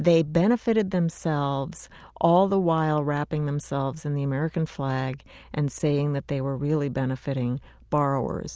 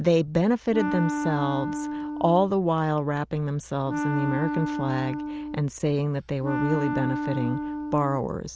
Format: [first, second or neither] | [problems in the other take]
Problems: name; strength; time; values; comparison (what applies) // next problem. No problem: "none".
first | background sound (Wind instrument, woodwind instrument); 5 dB below the speech